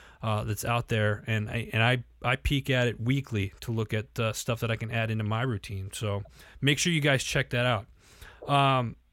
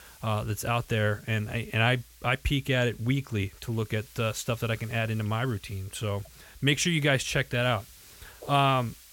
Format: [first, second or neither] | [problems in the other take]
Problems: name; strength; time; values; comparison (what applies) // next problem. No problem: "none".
first | hiss; faint; throughout; 25 dB below the speech